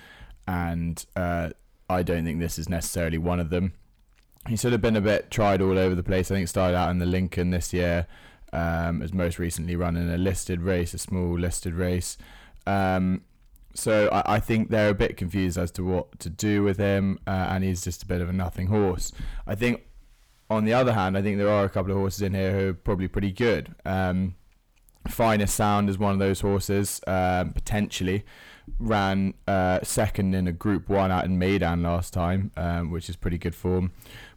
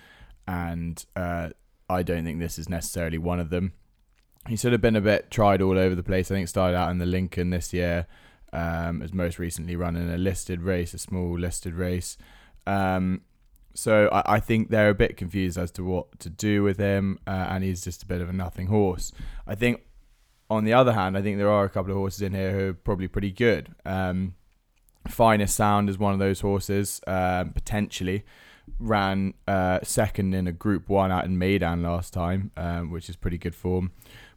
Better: second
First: distortion; slight; 10 dB below the speech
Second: none

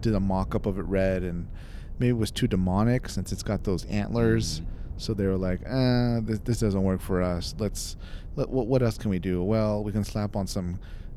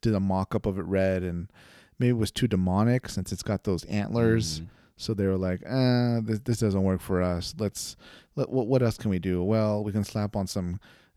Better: second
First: low rumble; faint; throughout; 25 dB below the speech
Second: none

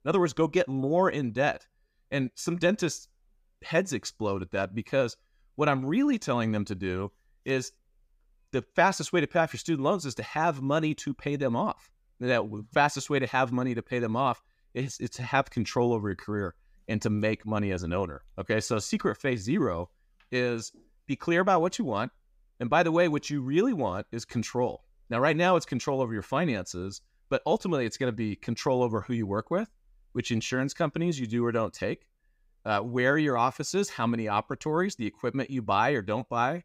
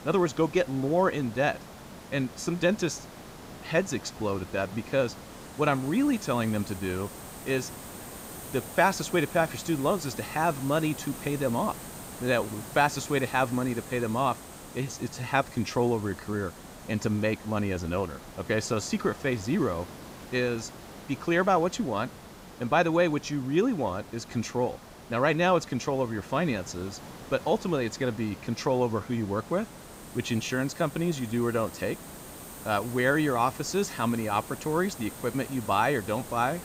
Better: first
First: none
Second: hiss; noticeable; throughout; 15 dB below the speech

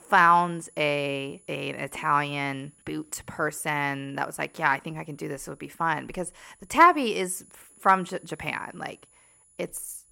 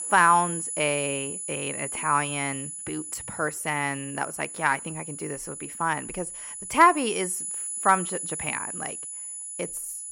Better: first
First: high-pitched whine; faint; throughout; 10 kHz, 30 dB below the speech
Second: high-pitched whine; loud; throughout; 10 kHz, 6 dB below the speech

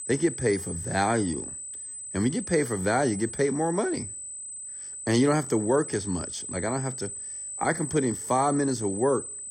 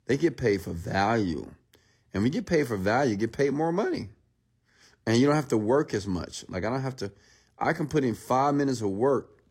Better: second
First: high-pitched whine; loud; throughout; 8 kHz, 7 dB below the speech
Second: none

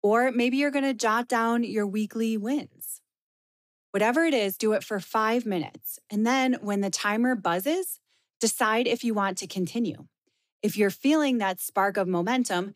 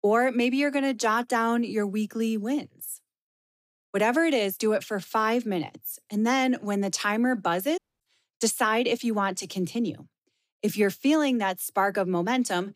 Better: first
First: none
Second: audio cutting out; at 8 s

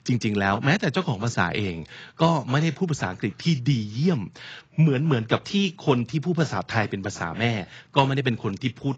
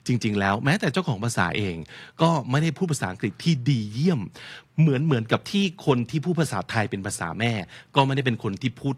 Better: second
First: garbled, watery; badly; nothing above 7.5 kHz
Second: garbled, watery; slightly

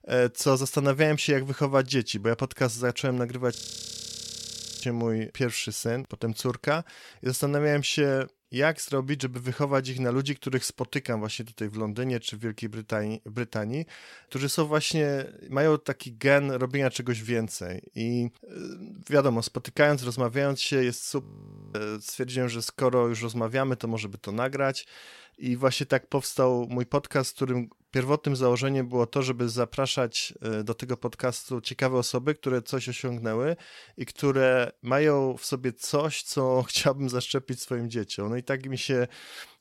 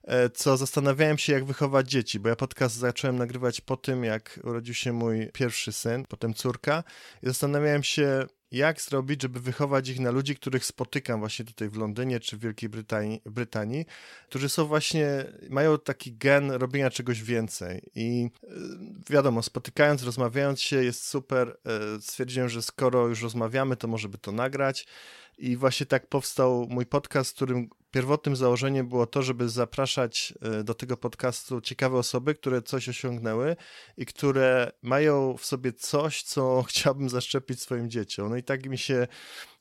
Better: second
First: audio freezing; at 3.5 s for 1.5 s and at 21 s for 0.5 s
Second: none

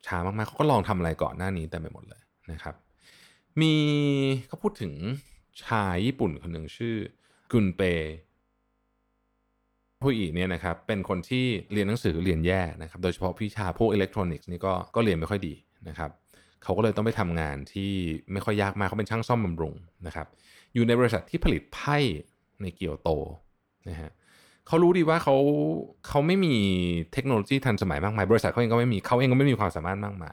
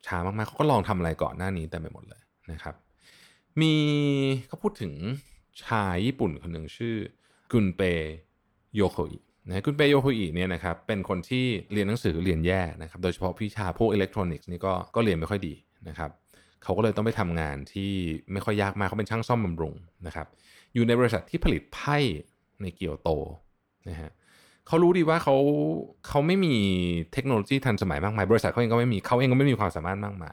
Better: second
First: audio freezing; at 8.5 s for 1.5 s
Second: none

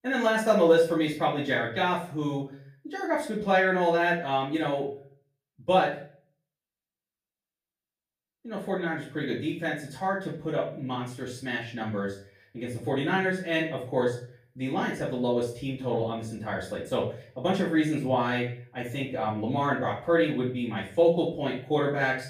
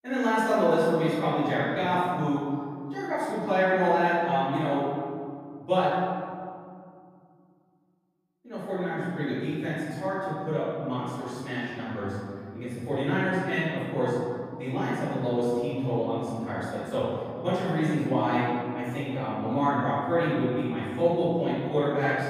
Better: first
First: room echo; slight; dies away in 0.4 s // off-mic speech; far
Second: room echo; strong; dies away in 2.3 s // off-mic speech; far

